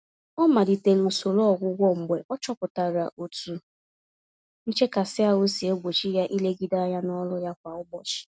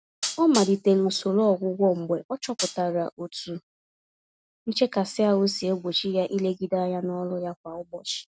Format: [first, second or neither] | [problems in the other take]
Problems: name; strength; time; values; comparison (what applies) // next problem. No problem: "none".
first | background sound (Hi-hat); 6 dB below the speech